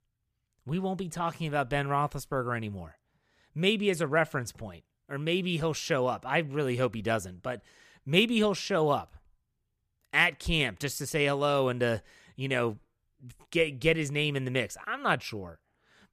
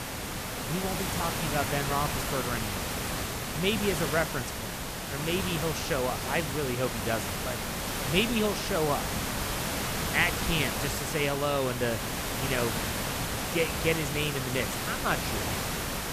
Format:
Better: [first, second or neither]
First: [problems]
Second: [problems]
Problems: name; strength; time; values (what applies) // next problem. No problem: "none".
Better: first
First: none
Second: hiss; loud; throughout; 1 dB below the speech